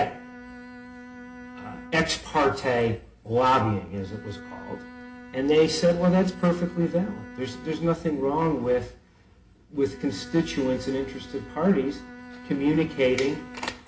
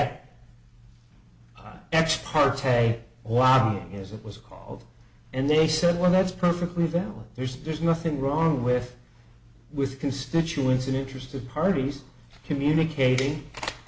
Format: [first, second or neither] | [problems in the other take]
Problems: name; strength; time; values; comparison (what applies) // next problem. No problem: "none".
second | background sound (Bowed string instrument); 18 dB below the speech // room echo; dies away in 0.3 s